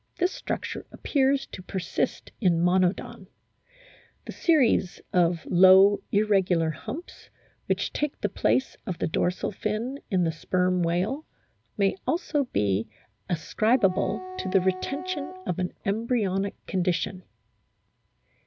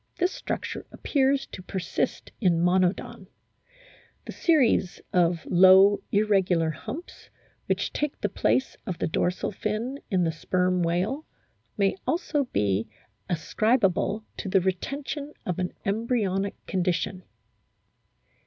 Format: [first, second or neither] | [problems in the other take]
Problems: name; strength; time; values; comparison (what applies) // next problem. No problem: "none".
second | background sound (Wind instrument, woodwind instrument); 13 dB below the speech